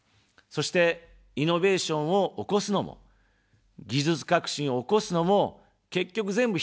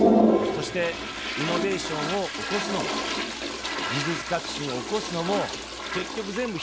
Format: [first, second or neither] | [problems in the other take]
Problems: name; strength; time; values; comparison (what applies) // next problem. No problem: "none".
first | background sound (Toilet flush); 4 dB above the speech